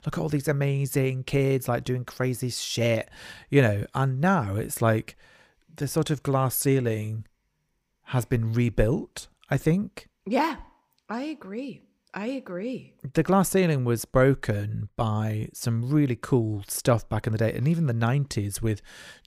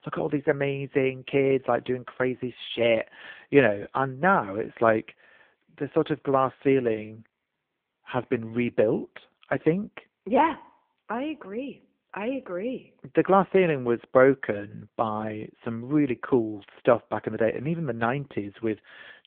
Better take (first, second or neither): first